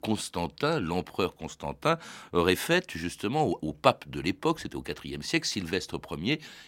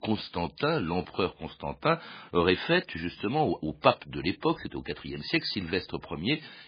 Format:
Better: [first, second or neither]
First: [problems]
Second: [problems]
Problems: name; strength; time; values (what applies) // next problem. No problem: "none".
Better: first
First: none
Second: garbled, watery; badly; nothing above 4 kHz